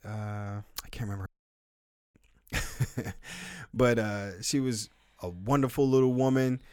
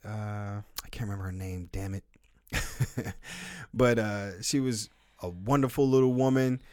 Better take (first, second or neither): second